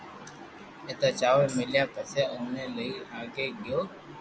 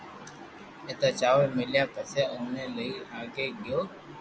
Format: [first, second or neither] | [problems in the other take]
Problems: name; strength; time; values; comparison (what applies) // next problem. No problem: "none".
second | background sound (Tambourine); 19 dB below the speech